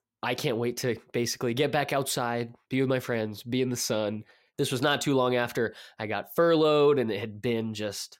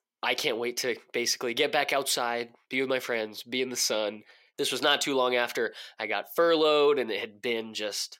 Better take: first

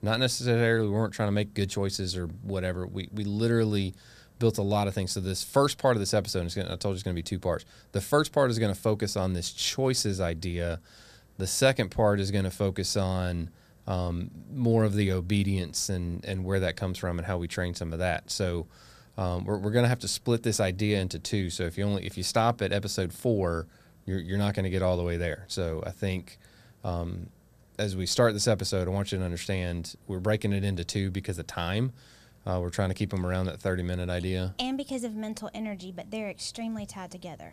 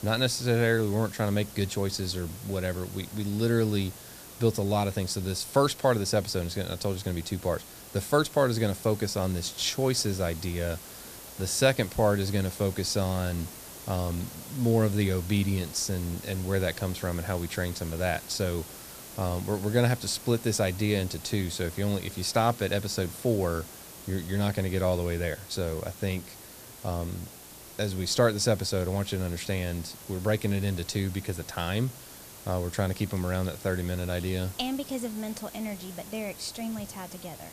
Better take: first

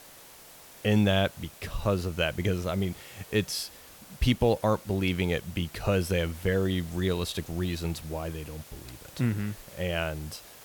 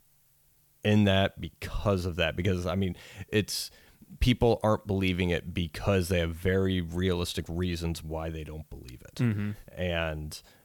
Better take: second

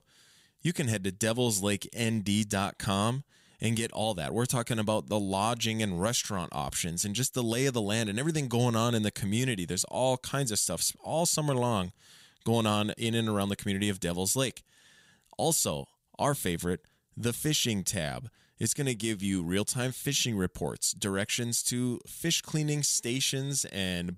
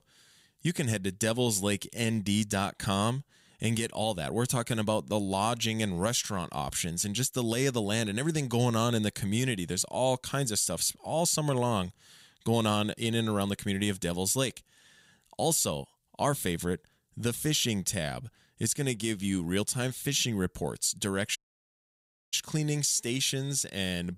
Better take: first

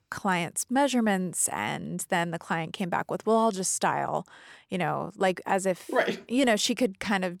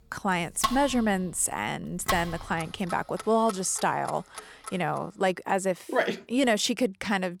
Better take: first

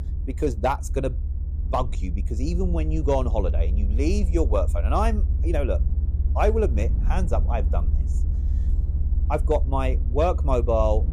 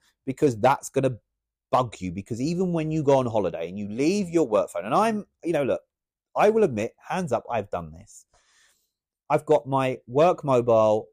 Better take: second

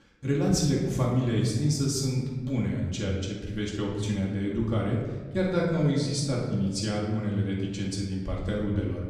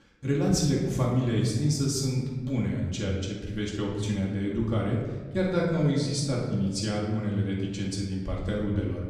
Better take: neither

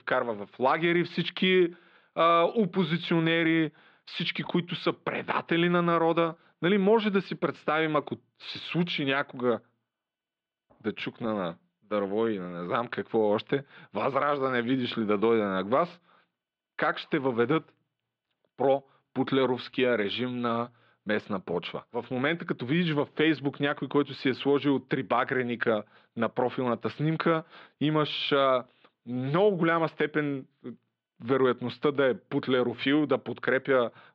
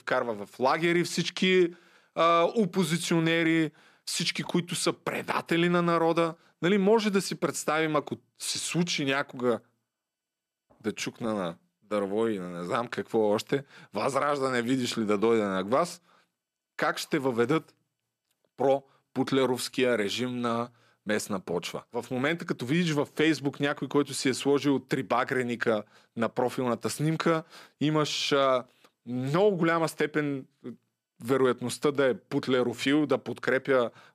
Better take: second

